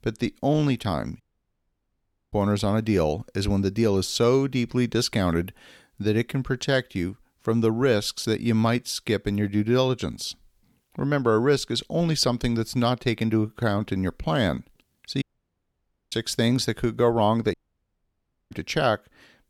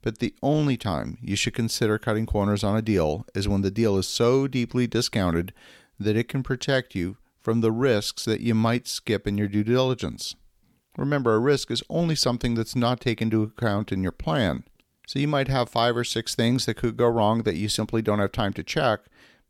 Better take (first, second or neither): second